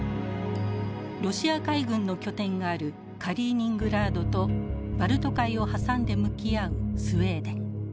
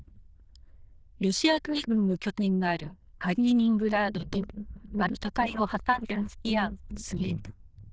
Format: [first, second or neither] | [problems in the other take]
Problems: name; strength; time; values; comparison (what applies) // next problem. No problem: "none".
first | noise reduction (neural diffusion model UNIVERSE++)